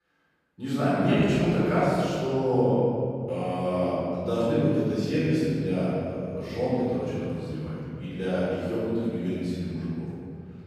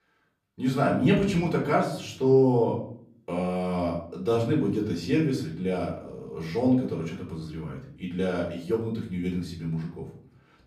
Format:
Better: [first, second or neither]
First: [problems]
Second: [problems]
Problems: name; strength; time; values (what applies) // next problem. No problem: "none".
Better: second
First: room echo; strong; dies away in 2.8 s // off-mic speech; far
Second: room echo; slight; dies away in 0.5 s // off-mic speech; far